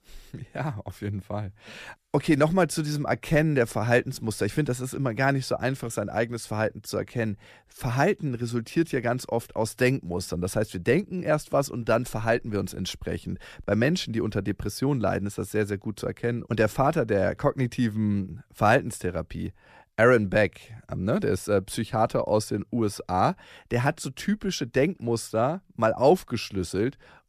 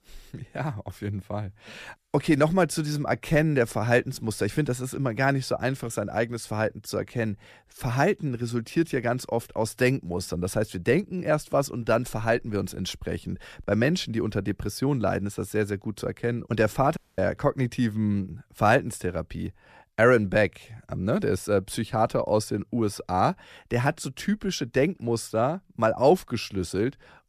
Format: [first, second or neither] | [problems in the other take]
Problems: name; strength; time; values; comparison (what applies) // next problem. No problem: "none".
first | audio cutting out; at 17 s